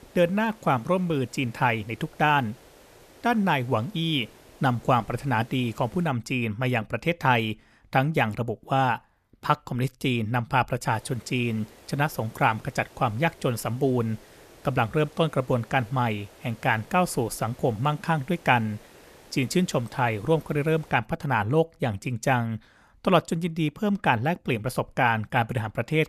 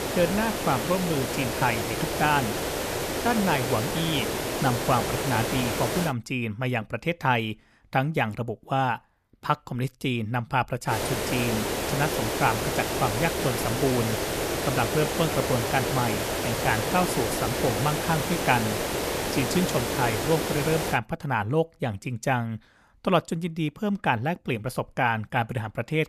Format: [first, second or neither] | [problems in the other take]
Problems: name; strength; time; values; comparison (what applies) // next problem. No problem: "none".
first | hiss; loud; until 6 s and from 11 to 21 s; 1 dB below the speech; faint in the first